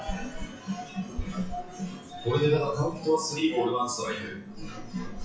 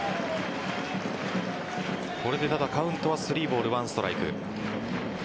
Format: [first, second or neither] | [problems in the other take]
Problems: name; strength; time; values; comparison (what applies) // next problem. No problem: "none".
second | noise reduction (classical method WPE with log-MMSE)